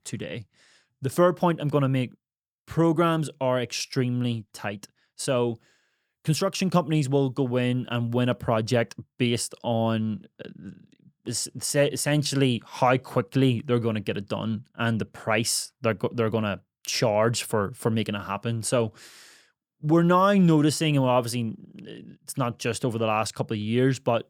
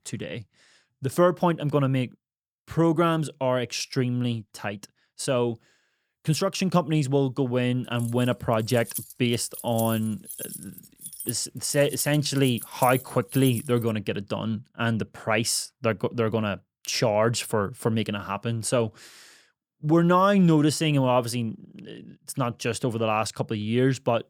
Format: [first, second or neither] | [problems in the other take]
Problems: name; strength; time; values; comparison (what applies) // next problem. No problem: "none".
first | jangling keys; noticeable; from 8 to 14 s; peak 9 dB below the speech